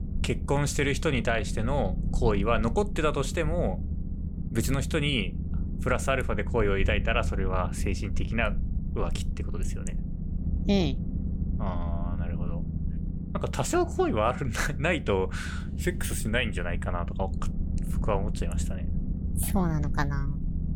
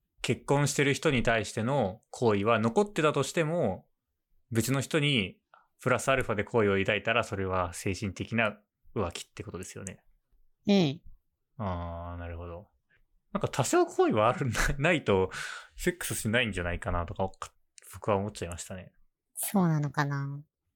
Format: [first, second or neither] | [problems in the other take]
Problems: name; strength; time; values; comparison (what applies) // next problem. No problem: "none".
second | low rumble; noticeable; throughout; 15 dB below the speech